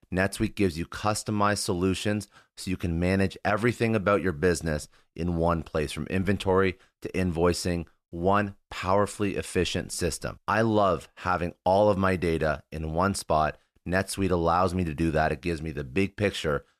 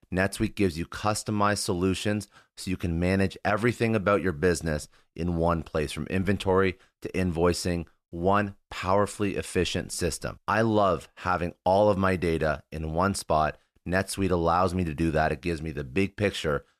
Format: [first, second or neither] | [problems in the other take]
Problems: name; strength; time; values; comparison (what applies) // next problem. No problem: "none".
neither | none